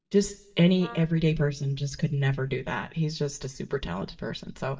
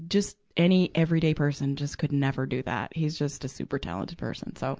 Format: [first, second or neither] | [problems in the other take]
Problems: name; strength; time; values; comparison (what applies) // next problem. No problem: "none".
second | noise reduction (neural mask model DeepFilterNet 3)